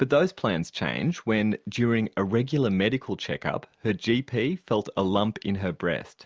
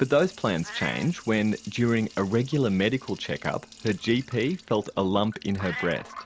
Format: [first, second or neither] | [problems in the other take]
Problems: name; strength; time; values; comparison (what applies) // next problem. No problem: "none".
first | background sound (Liquid + Meow); 16 dB below the speech